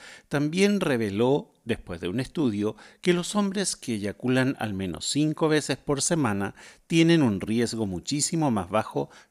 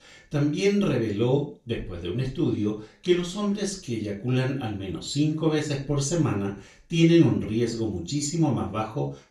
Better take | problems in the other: first | room echo; slight; dies away in 0.3 s // off-mic speech; far

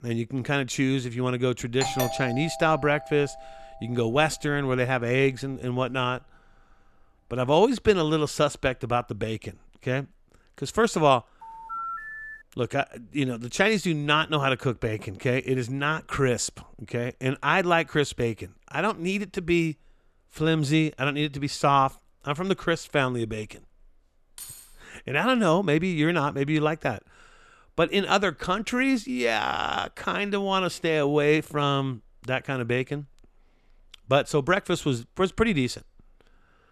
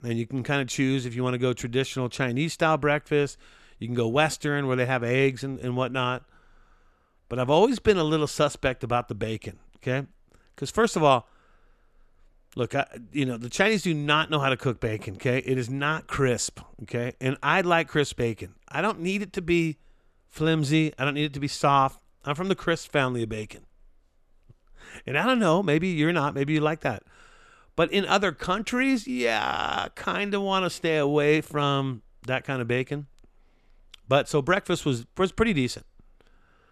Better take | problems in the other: second | doorbell; noticeable; from 2 to 4.5 s; peak 3 dB below the speech // phone ringing; noticeable; from 11 to 12 s; peak 7 dB below the speech // jangling keys; faint; at 24 s; peak 15 dB below the speech

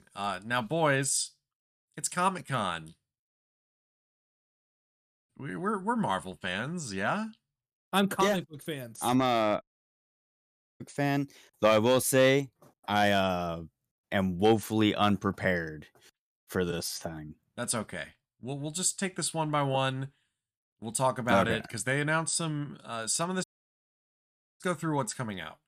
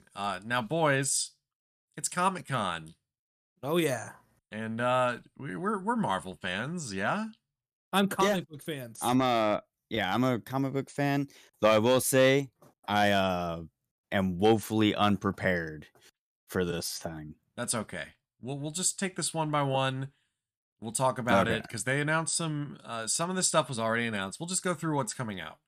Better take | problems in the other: second | audio cutting out; at 3.5 s for 2 s, at 9.5 s for 1 s and at 23 s for 1 s

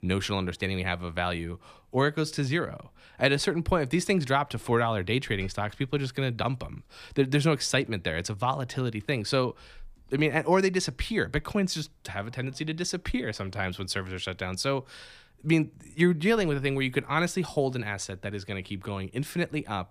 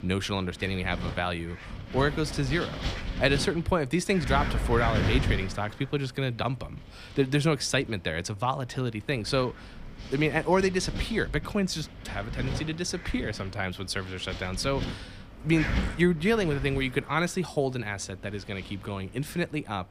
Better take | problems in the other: first | wind noise on the microphone; heavy; 9 dB below the speech

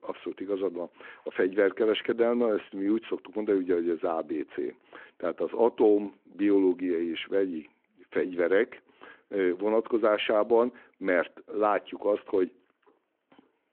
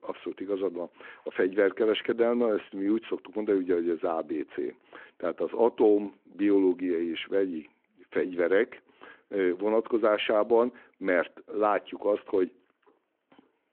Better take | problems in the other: neither | phone-call audio; the same in both

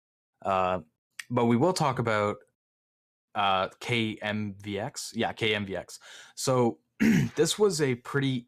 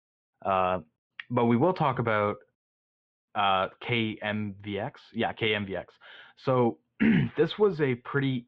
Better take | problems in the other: first | muffled; very; fading above 3 kHz

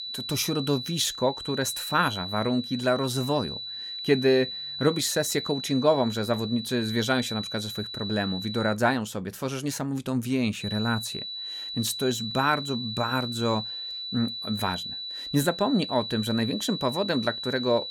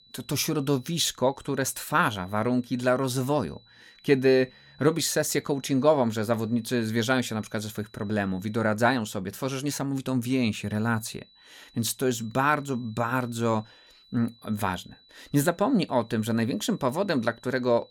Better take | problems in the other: second | high-pitched whine; loud; until 8.5 s and from 11 s on; 4 kHz, 6 dB below the speech; faint in the second

